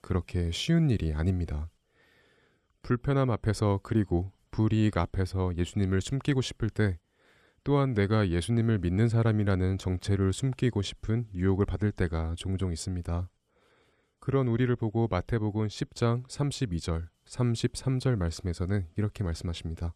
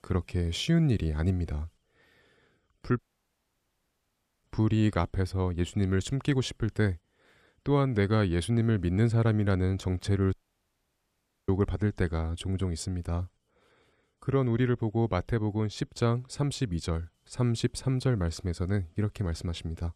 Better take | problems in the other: first | audio cutting out; at 3 s for 1.5 s and at 10 s for 1 s

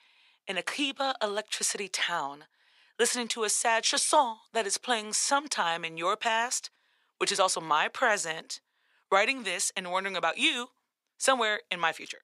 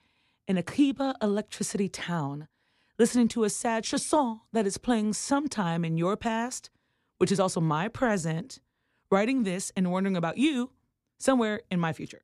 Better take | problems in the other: second | thin; very; fading below 750 Hz

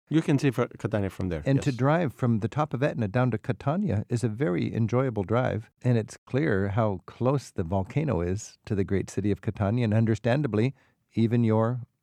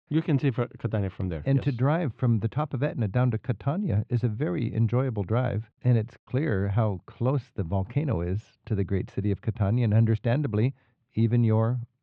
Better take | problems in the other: first | muffled; slightly; fading above 3.5 kHz

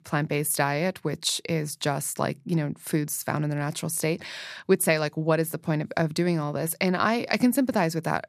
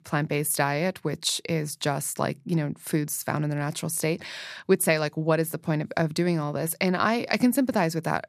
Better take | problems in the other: neither | none

